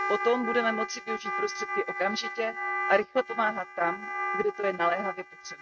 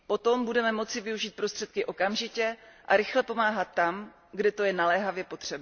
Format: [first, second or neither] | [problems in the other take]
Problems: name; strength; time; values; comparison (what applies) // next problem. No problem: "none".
second | noise reduction (neural mask model RNNoise)